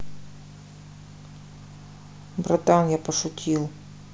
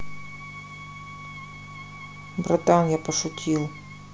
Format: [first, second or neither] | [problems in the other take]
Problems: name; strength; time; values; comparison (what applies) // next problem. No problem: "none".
first | background sound (Wind instrument, woodwind instrument); 16 dB below the speech